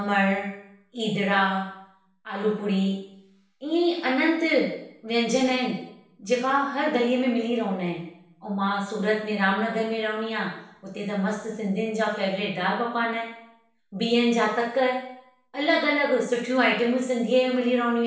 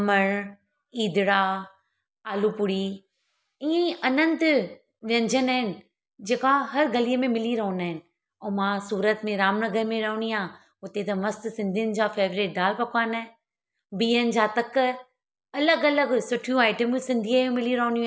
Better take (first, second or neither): second